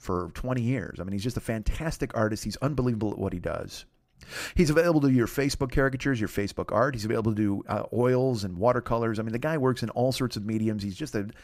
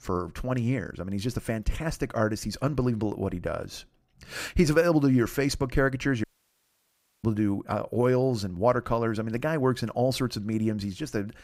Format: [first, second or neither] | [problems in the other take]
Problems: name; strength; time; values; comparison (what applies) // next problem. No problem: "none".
first | audio cutting out; at 6 s for 1 s